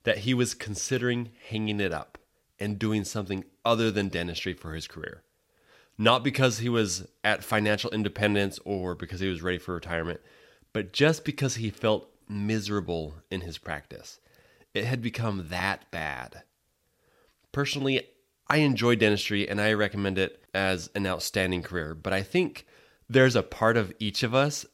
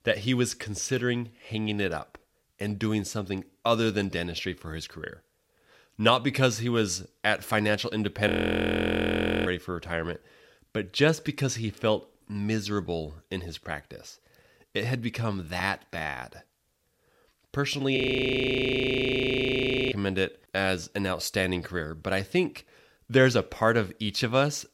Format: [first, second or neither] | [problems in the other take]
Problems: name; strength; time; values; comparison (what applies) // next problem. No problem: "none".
first | audio freezing; at 8.5 s for 1 s and at 18 s for 2 s